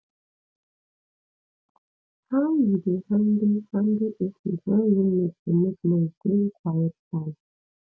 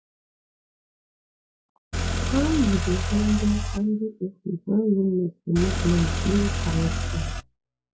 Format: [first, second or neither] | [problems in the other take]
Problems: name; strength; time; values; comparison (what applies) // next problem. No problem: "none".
first | noise reduction (classical method log-MMSE)